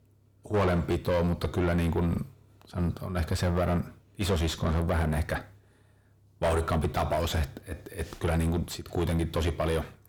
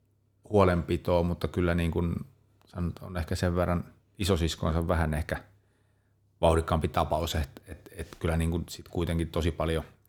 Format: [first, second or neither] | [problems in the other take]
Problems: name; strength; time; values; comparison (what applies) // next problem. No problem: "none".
second | distortion; heavy; 5 dB below the speech